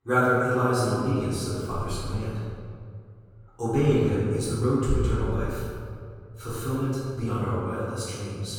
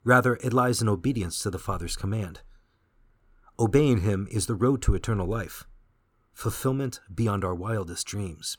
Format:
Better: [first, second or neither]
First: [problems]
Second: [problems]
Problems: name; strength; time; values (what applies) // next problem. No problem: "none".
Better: second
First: off-mic speech; far // room echo; strong; dies away in 1.8 s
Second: none